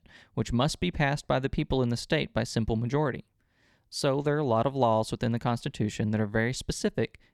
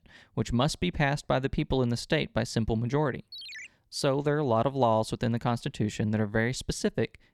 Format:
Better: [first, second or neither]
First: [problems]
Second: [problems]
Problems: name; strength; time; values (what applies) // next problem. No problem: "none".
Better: first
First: none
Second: phone ringing; faint; at 3.5 s; peak 10 dB below the speech